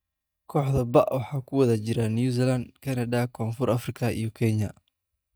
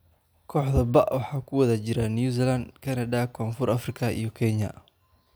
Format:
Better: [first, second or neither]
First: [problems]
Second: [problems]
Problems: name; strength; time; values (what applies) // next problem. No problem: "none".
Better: second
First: noise reduction (neural mask model DeepFilterNet 3)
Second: none